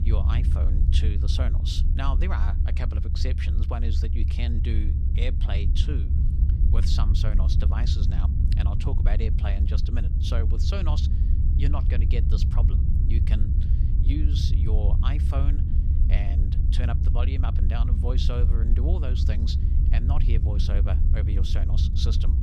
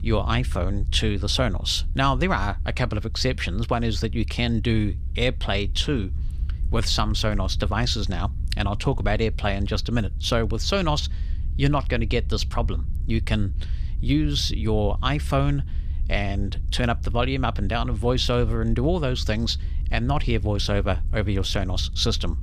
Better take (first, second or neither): second